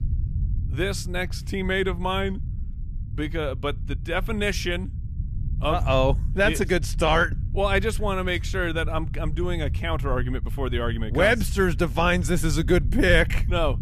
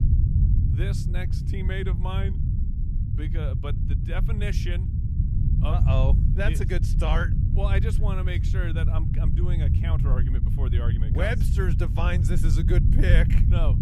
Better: first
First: low rumble; faint; throughout; 20 dB below the speech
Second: low rumble; loud; throughout; 5 dB below the speech

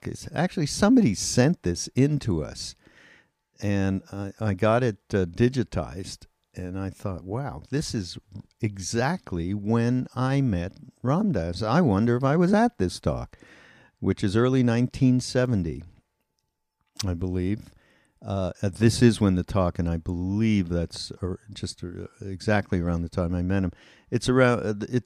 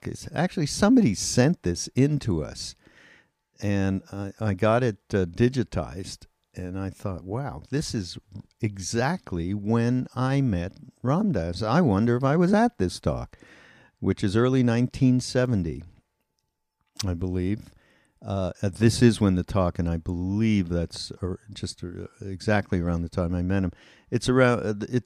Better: neither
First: none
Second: none

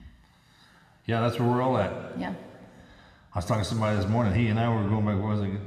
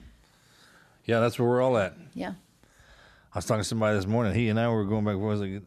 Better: second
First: room echo; slight; dies away in 2 s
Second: none

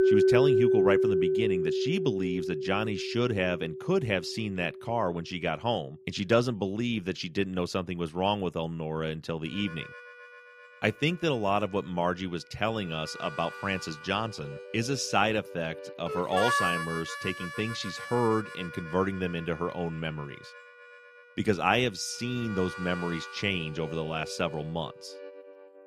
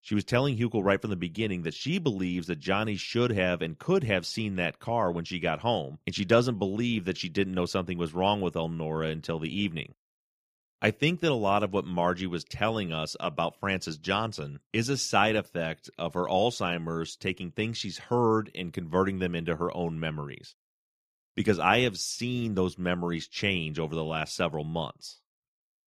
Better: second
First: background music; loud; throughout; 1 dB below the speech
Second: none

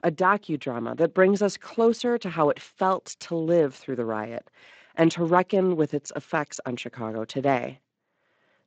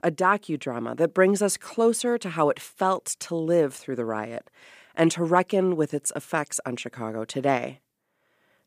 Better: second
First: garbled, watery; slightly; nothing above 7.5 kHz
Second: none

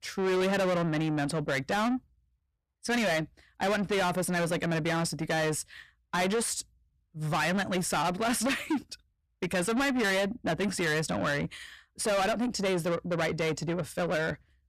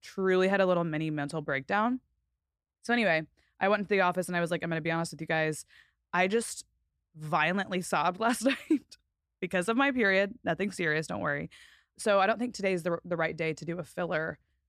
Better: second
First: distortion; heavy; 6 dB below the speech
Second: none

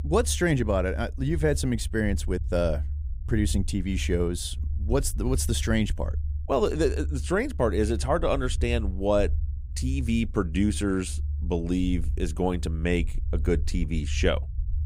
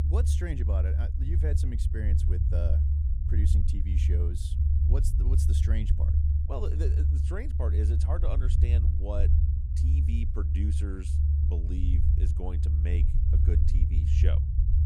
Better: first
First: low rumble; faint; throughout; 20 dB below the speech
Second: low rumble; loud; throughout; as loud as the speech

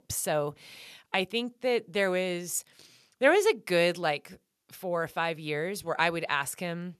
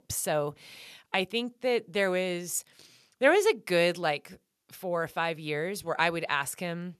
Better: neither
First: none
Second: none

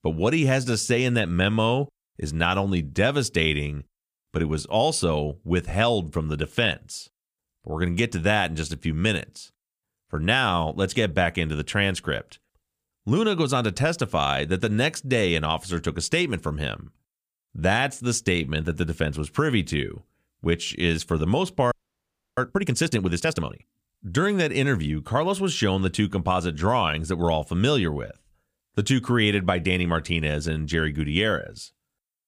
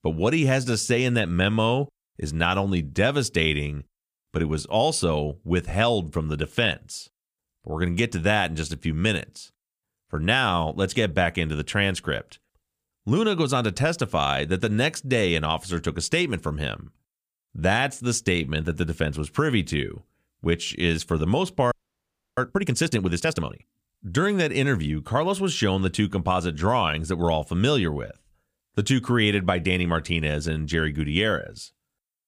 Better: neither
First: audio freezing; at 22 s for 0.5 s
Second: audio freezing; at 22 s for 0.5 s

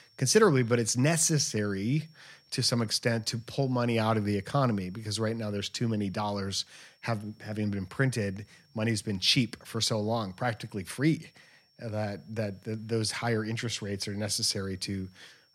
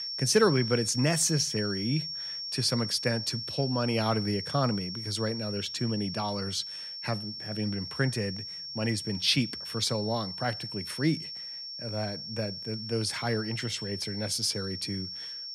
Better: first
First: high-pitched whine; faint; throughout; 5.5 kHz, 35 dB below the speech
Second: high-pitched whine; loud; throughout; 5.5 kHz, 5 dB below the speech

